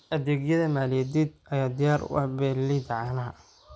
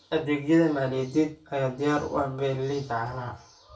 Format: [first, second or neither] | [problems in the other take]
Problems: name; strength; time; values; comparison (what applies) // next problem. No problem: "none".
first | room echo; dies away in 0.3 s